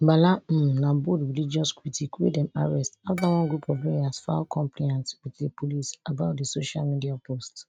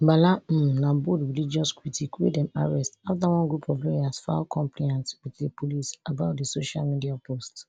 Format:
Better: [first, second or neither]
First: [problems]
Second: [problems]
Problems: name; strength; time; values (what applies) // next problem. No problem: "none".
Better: second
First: noise reduction (neural mask model RNNoise)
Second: none